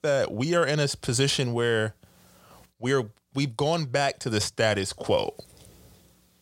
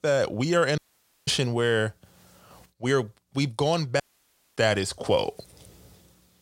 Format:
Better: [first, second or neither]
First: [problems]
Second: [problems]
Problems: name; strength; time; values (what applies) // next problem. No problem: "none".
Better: first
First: none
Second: audio cutting out; at 1 s and at 4 s for 0.5 s